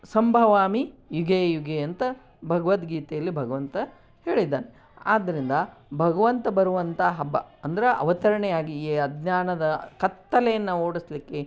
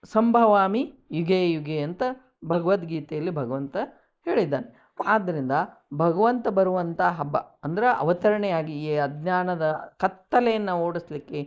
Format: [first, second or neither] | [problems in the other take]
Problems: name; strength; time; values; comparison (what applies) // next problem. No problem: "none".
first | noise reduction (neural mask model Resemble Enhance denoiser)